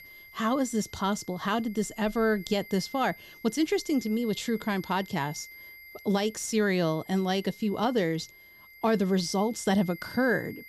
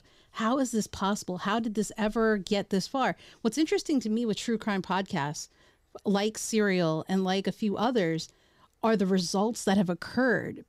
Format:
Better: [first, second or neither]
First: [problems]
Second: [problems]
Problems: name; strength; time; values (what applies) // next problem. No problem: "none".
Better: second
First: high-pitched whine; noticeable; throughout; 2 kHz, 20 dB below the speech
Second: none